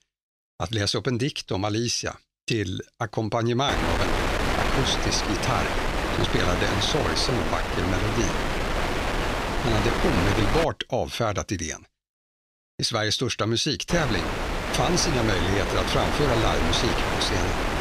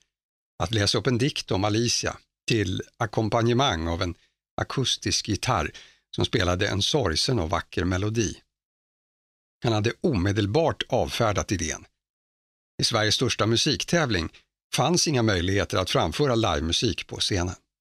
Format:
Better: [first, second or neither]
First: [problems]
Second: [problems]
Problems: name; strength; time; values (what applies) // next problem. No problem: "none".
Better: second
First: wind noise on the microphone; heavy; from 3.5 to 11 s and from 14 s on; 1 dB above the speech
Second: none